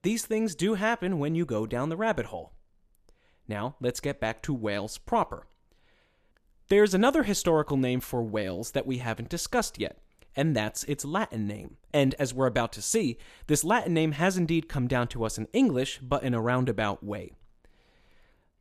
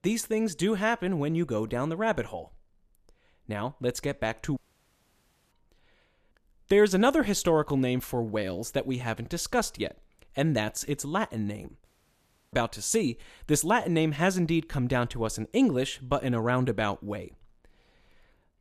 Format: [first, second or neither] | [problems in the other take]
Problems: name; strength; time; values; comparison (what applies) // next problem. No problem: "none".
first | audio cutting out; at 4.5 s for 1 s and at 12 s for 0.5 s